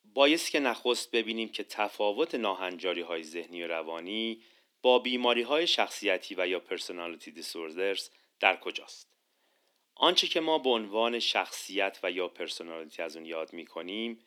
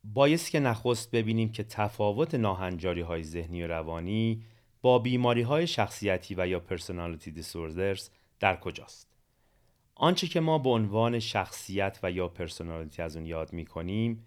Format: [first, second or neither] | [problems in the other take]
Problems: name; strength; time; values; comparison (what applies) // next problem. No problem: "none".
second | thin; somewhat; fading below 250 Hz